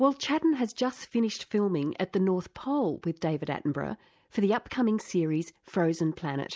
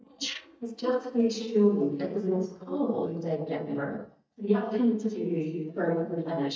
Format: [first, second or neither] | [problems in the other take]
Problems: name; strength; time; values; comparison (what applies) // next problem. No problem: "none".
first | noise reduction (neural mask model DeepFilterNet 3)